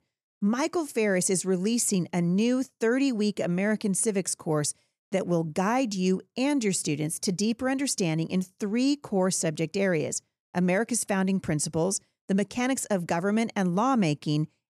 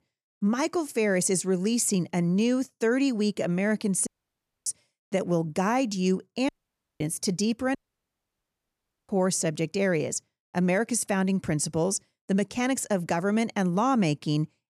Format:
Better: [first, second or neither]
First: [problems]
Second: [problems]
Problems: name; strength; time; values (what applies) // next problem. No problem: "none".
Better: first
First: none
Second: audio cutting out; at 4 s for 0.5 s, at 6.5 s for 0.5 s and at 8 s for 1.5 s